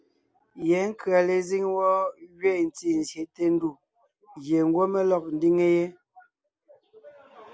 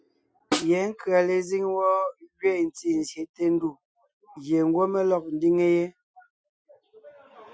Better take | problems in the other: first | noise reduction (classical method Wiener filter)

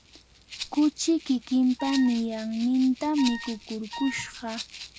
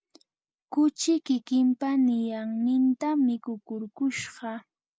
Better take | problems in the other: second | background sound (Wind instrument, woodwind instrument + Rattle (instrument)); 14 dB below the speech

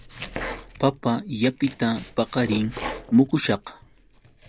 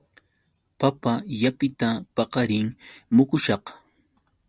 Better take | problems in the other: second | background sound (Domestic sounds, home sounds); 13 dB below the speech

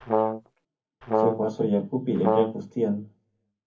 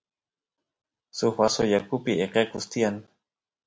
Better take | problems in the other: second | background sound (Brass instrument); 2 dB above the speech // room echo; dies away in 0.3 s

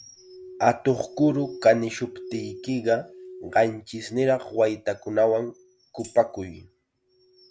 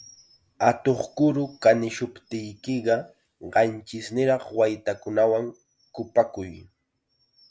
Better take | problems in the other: second | background sound (Glass + Tambourine); 19 dB below the speech

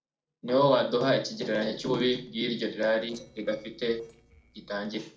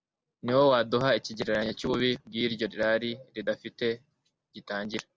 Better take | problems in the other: second | noise reduction (neural separator model SepFormer DNS4)

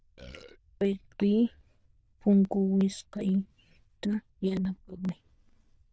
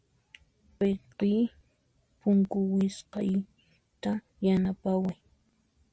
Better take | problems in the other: second | noise reduction (neural diffusion model UNIVERSE++)

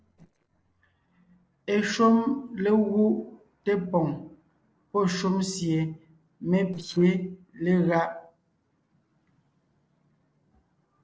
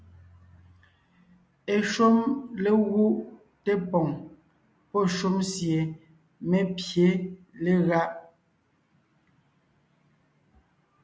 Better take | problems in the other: second | noise reduction (neural separator model SepFormer DNS4)

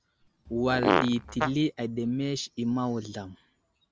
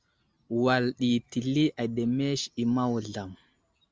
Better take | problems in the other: second | background sound (Fart); 1 dB above the speech

